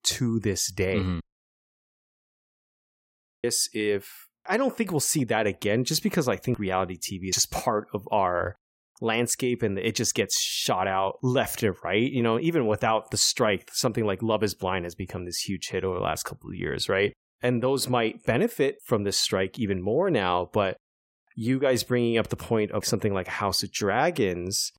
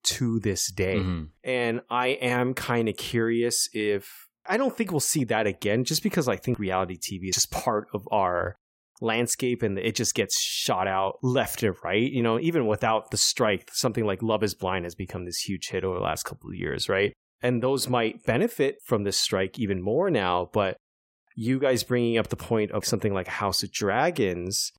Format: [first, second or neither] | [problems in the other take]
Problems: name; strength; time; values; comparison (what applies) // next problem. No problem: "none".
second | audio cutting out; at 1 s for 2 s